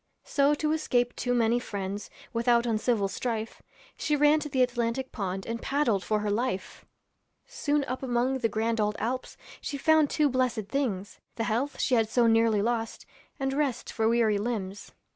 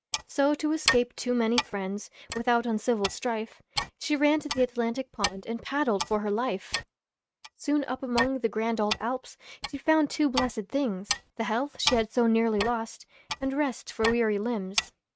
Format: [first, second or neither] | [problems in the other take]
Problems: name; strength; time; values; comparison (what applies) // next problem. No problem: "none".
first | noise reduction (neural mask model RNNoise)